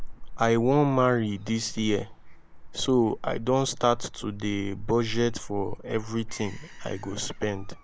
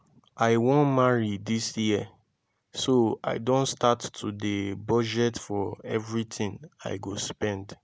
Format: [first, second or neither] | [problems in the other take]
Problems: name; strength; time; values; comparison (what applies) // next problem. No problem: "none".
second | background sound (Gull, seagull / Fowl); 9 dB below the speech